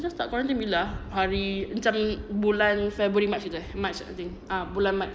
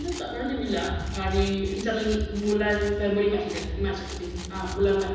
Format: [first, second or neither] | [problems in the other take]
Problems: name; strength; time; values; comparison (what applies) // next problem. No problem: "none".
first | background sound (Rattle); 19 dB below the speech // room echo; dies away in 1.1 s